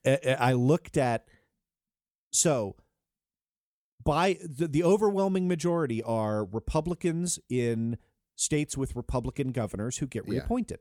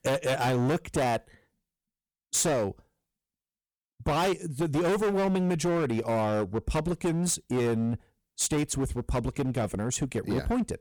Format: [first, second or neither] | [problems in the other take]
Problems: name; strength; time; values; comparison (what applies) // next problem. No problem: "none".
first | distortion; heavy; 17% of the sound clipped